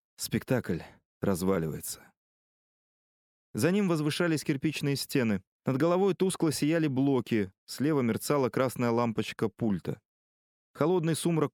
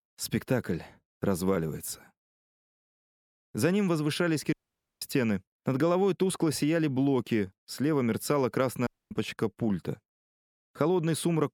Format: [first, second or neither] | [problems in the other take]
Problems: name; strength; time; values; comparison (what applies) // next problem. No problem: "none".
first | audio cutting out; at 4.5 s and at 9 s